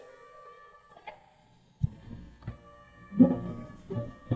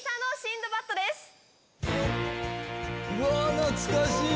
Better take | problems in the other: second | noise reduction (neural mask model DeepFilterNet 3)

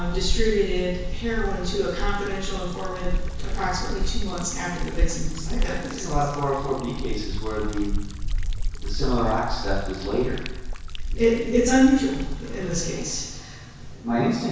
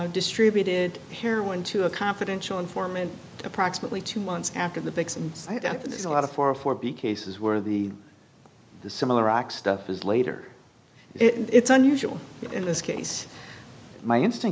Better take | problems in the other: second | background sound (Liquid); as loud as the speech // room echo; dies away in 1.1 s

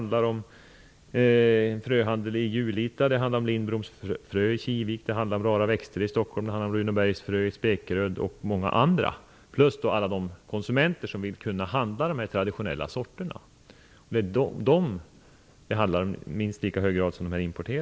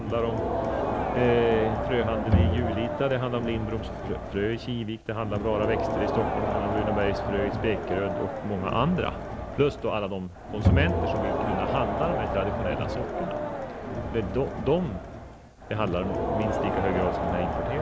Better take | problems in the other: first | background sound (Crowd + Bowed string instrument); as loud as the speech

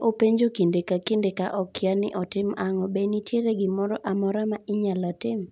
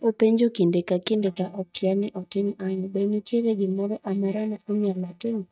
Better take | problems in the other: first | noise reduction (neural mask model DeepFilterNet 3)

